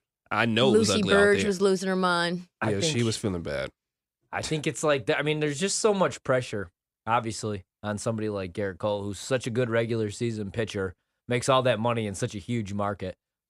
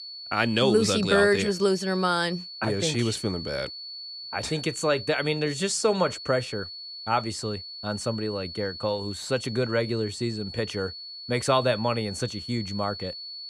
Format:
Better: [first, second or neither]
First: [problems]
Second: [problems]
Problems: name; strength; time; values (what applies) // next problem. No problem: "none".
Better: first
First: none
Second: high-pitched whine; loud; throughout; 4.5 kHz, 10 dB below the speech